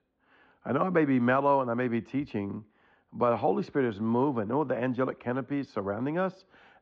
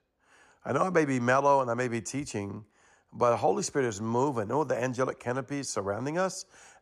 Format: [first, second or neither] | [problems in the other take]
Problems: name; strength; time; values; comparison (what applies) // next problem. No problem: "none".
second | muffled; very; fading above 3.5 kHz